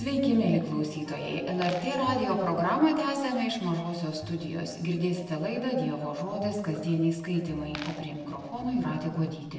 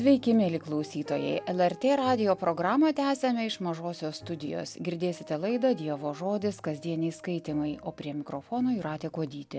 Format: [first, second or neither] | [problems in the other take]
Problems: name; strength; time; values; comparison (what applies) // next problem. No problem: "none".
second | background sound (Coin (dropping)); 18 dB below the speech // room echo; dies away in 1.3 s